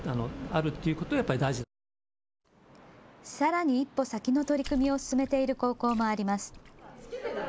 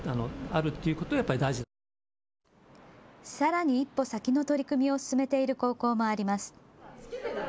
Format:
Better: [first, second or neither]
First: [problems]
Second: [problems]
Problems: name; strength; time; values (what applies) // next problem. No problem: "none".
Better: second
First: background sound (Water / Splash, splatter); 16 dB below the speech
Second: none